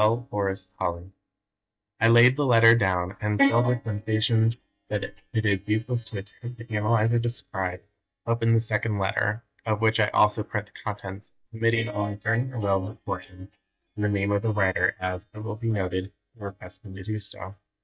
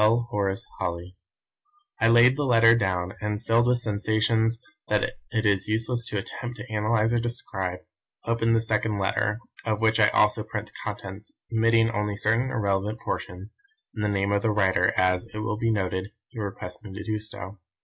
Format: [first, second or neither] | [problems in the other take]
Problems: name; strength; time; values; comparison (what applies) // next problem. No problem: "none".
second | noise reduction (neural mask model DeepFilterNet 3)